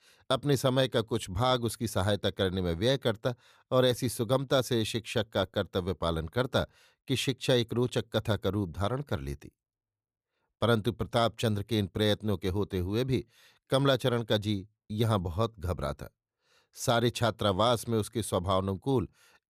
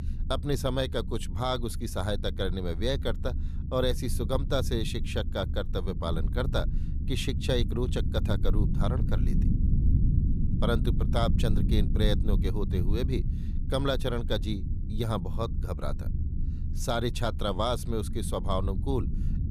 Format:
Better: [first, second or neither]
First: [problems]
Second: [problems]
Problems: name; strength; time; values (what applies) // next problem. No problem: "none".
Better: first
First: none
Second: low rumble; noticeable; throughout; 10 dB below the speech